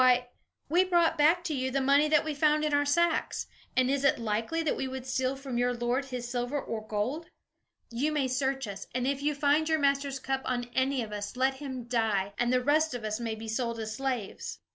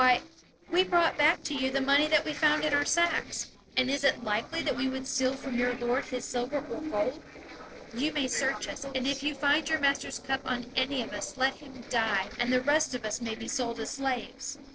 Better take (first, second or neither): first